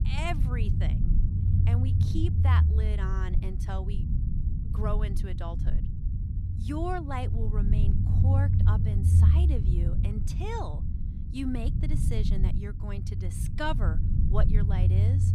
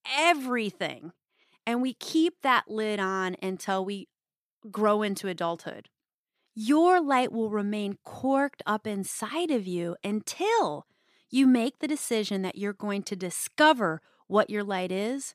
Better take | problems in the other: second | low rumble; loud; throughout; 3 dB below the speech

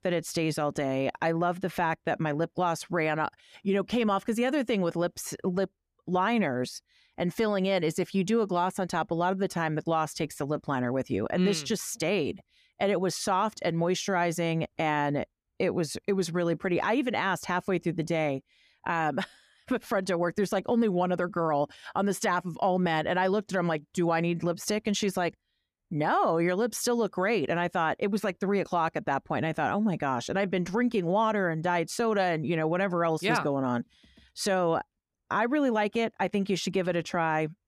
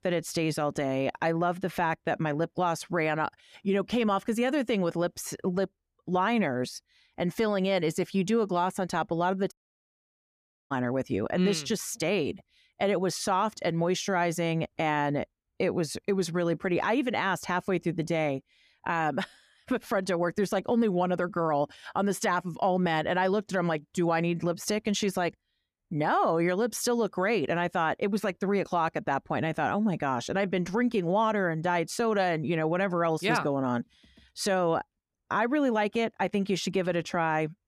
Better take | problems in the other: first | audio cutting out; at 9.5 s for 1 s

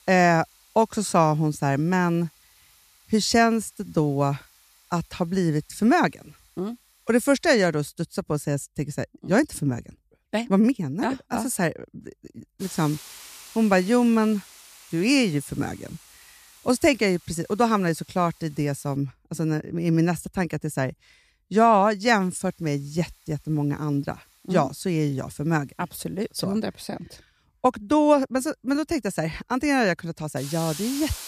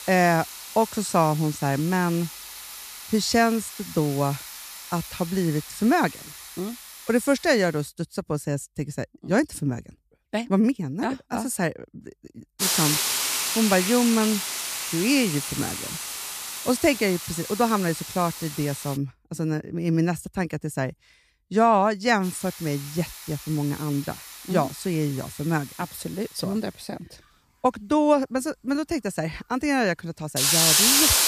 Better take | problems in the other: first | hiss; loud; until 8 s, from 13 to 19 s and from 22 s on; 1 dB below the speech; faint in the first

